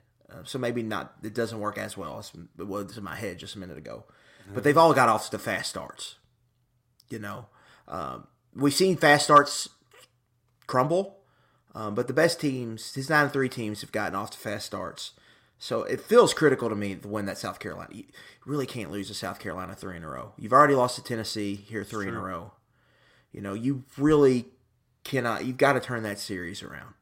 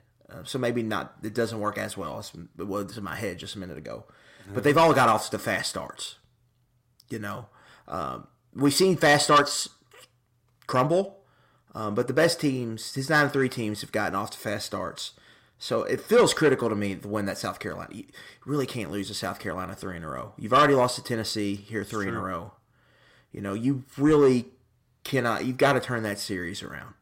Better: first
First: none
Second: distortion; slight; 10 dB below the speech

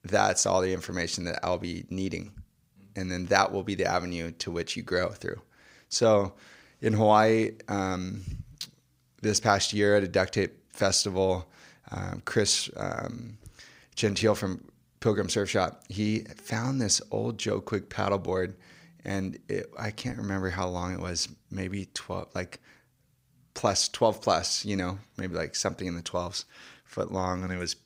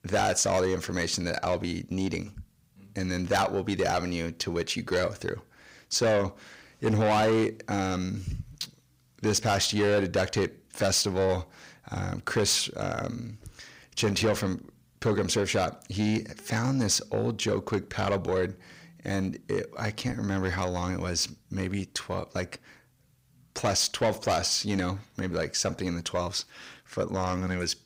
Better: first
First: none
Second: distortion; heavy; 8 dB below the speech

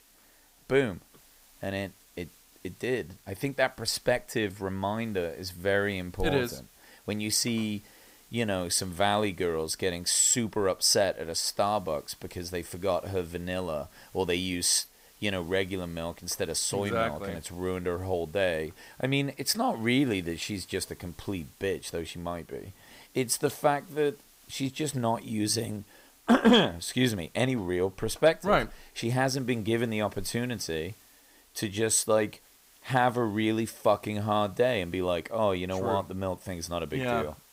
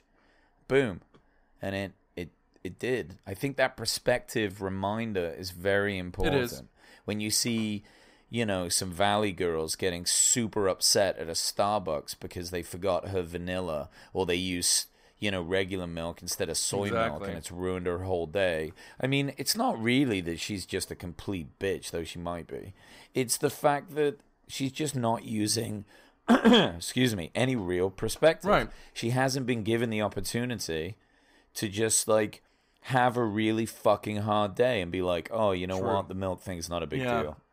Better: second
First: hiss; faint; throughout; 25 dB below the speech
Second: none

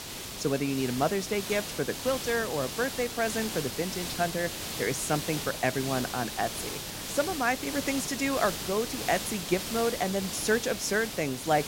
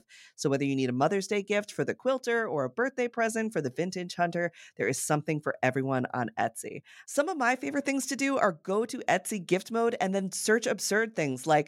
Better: second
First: hiss; loud; throughout; 5 dB below the speech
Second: none

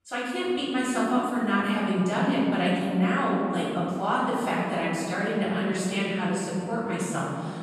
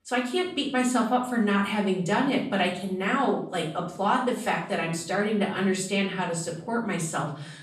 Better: second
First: room echo; strong; dies away in 3 s // off-mic speech; far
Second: room echo; slight; dies away in 0.5 s // off-mic speech; far

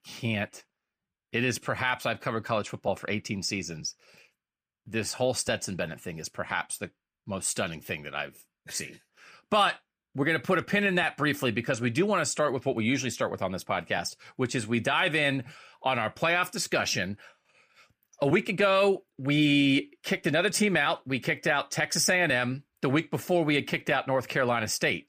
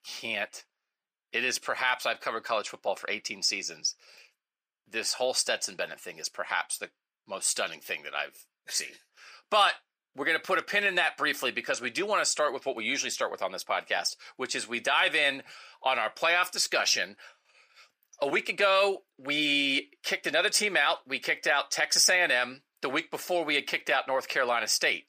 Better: first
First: none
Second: thin; somewhat; fading below 500 Hz

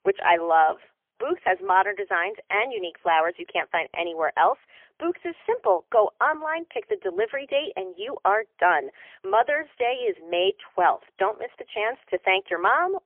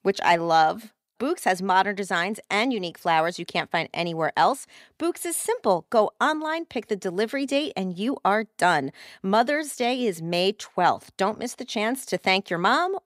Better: second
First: phone-call audio; poor line; nothing above 3.5 kHz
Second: none

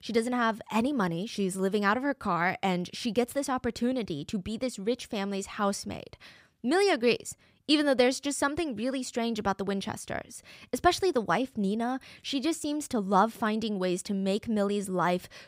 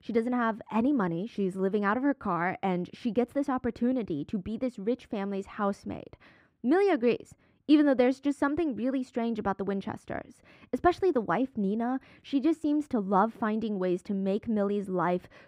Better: first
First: none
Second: muffled; slightly; fading above 3 kHz

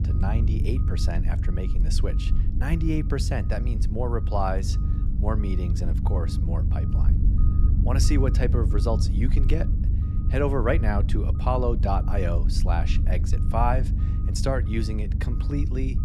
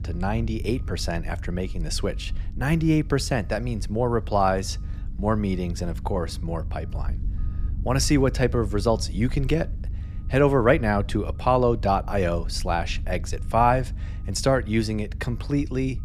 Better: second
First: low rumble; loud; throughout; 9 dB below the speech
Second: low rumble; faint; throughout; 25 dB below the speech

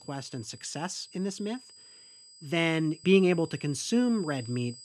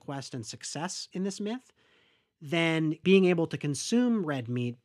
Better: second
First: high-pitched whine; noticeable; throughout; 5 kHz, 20 dB below the speech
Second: none

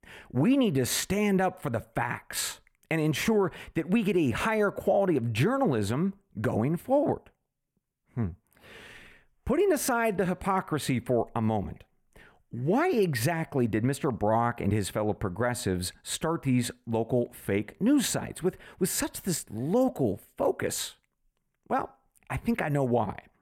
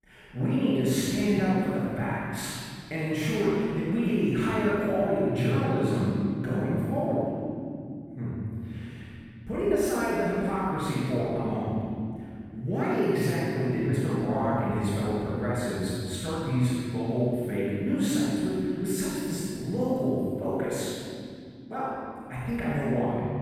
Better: first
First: none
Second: off-mic speech; far // room echo; strong; dies away in 2.7 s

